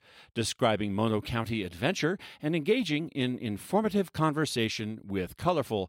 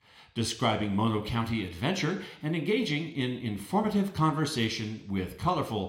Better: first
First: none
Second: room echo; very slight; dies away in 0.7 s

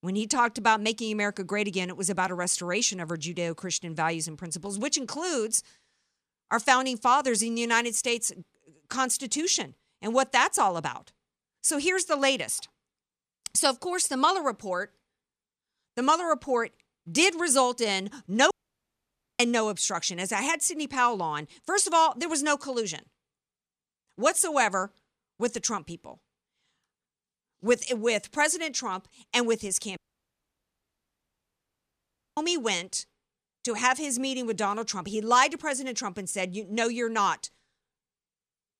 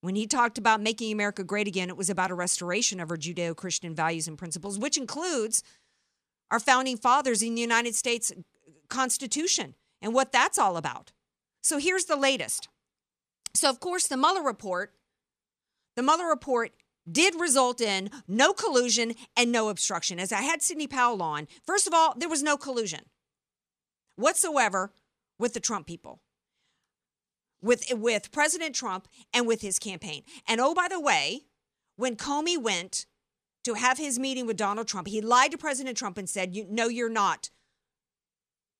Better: second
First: audio cutting out; at 19 s for 1 s and at 30 s for 2.5 s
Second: none

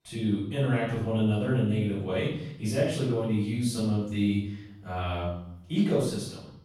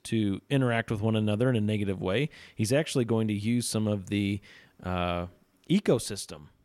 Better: second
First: off-mic speech; far // room echo; noticeable; dies away in 0.7 s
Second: none

